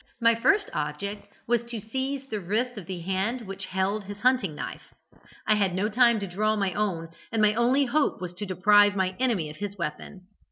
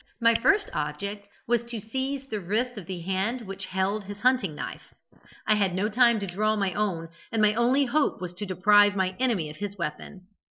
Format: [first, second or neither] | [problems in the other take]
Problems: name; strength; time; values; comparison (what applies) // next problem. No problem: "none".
first | noise reduction (neural mask model Resemble Enhance denoiser)